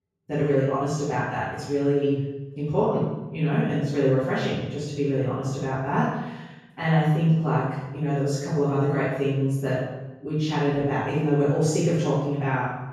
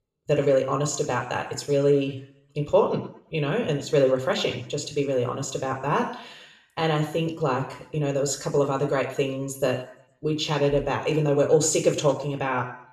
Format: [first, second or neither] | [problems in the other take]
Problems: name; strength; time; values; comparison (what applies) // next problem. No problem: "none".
second | room echo; strong; dies away in 1.3 s; slight in the second // off-mic speech; far